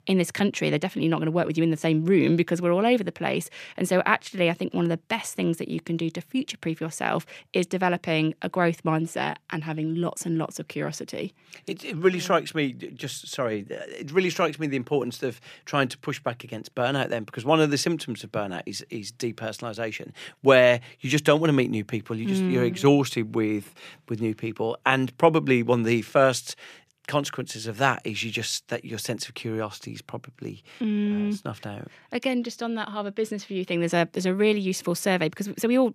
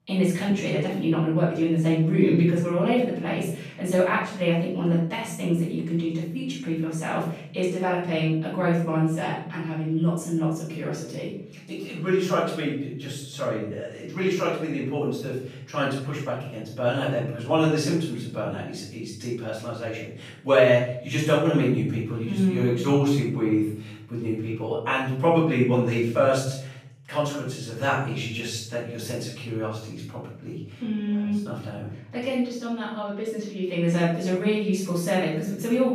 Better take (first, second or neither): first